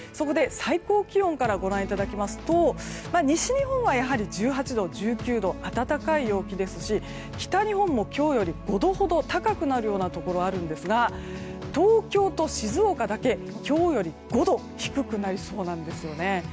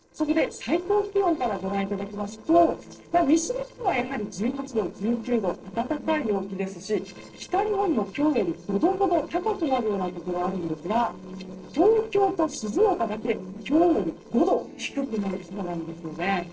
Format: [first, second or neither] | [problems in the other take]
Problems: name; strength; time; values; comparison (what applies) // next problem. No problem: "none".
first | noise reduction (neural separator model SepFormer DNS4)